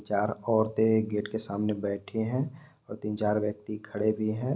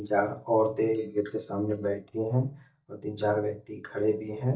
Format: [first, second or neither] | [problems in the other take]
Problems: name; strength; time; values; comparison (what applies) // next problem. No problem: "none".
first | noise reduction (neural mask model DeepFilterNet 3)